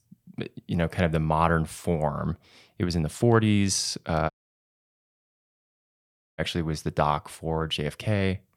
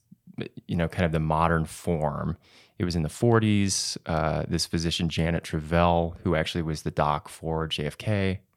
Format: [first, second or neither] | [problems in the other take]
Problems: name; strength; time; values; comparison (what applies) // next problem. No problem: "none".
second | audio cutting out; at 4.5 s for 2 s